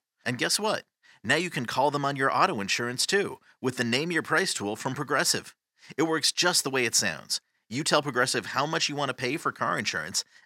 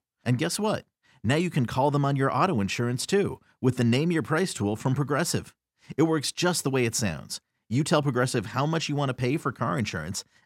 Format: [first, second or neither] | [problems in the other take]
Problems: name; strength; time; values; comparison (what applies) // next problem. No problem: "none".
second | thin; somewhat; fading below 600 Hz